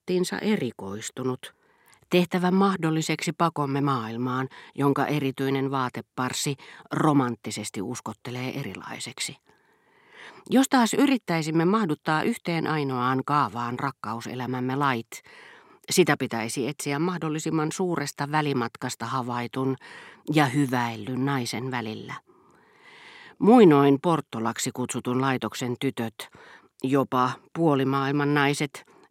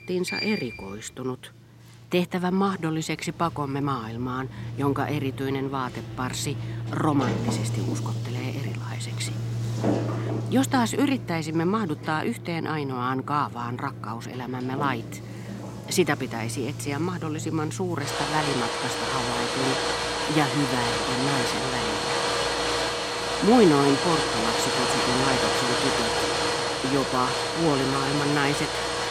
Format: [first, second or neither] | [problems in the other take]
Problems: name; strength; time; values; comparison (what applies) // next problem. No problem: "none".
first | household noises; loud; throughout; as loud as the speech